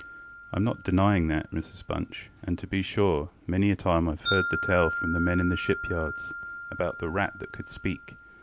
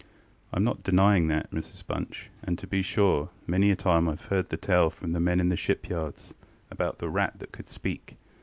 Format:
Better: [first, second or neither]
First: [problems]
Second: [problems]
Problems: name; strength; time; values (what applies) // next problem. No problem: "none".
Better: second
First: background sound (Wind chime); 8 dB below the speech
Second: none